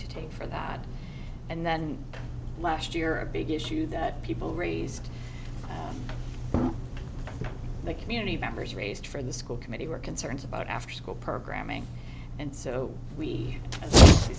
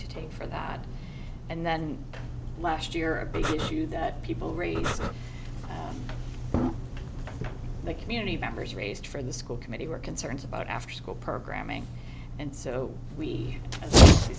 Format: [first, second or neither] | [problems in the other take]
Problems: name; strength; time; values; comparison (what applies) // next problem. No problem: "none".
first | background sound (Breathing); 1 dB below the speech